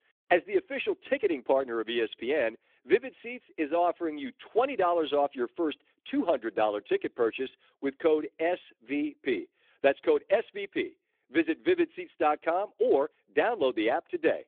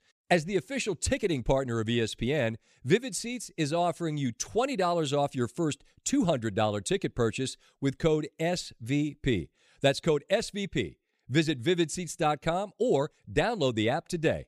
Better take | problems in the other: second | phone-call audio; nothing above 3.5 kHz

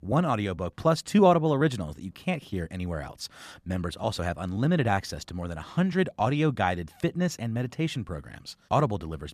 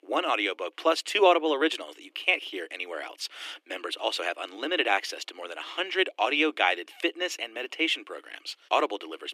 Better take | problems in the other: first | thin; very; fading below 300 Hz

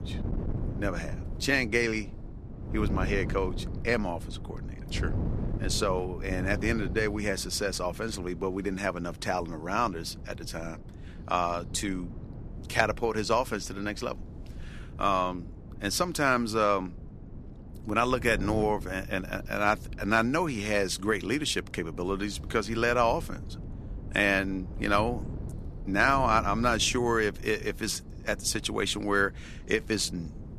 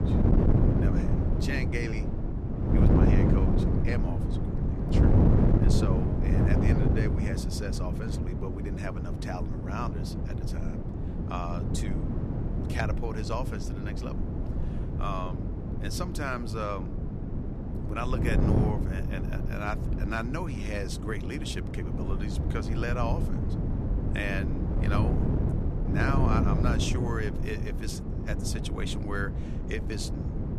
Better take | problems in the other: first | wind noise on the microphone; heavy; 1 dB below the speech; occasional gusts in the first

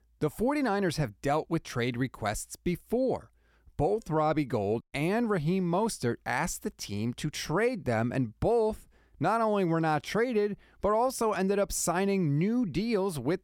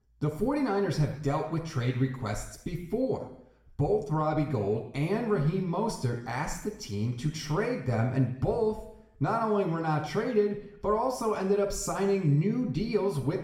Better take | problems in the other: first | room echo; slight; dies away in 0.7 s // off-mic speech; far

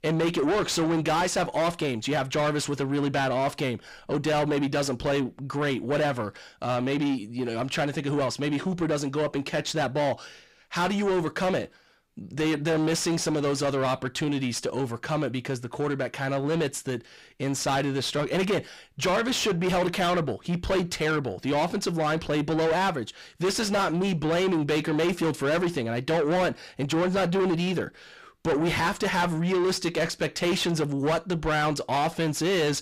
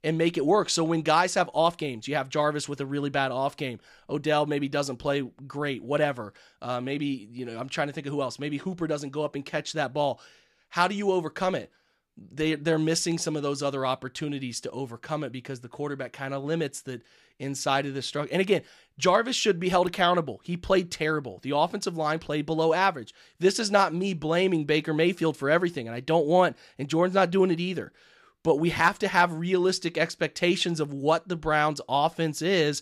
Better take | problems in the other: second | distortion; heavy; 6 dB below the speech

